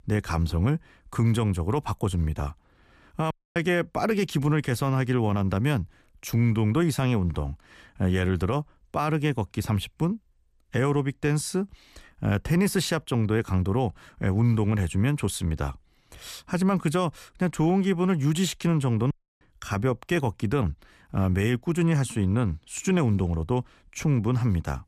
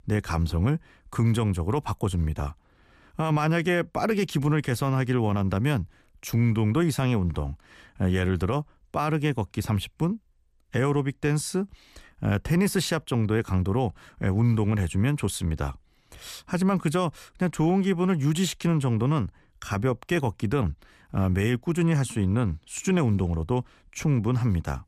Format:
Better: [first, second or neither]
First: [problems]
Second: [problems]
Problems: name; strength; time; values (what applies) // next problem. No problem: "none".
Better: second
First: audio cutting out; at 3.5 s and at 19 s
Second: none